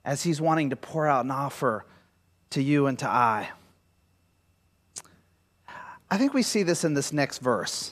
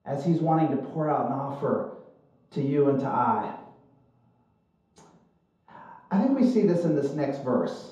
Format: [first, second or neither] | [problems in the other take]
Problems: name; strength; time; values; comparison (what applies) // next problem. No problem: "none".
first | room echo; noticeable; dies away in 0.8 s // off-mic speech; far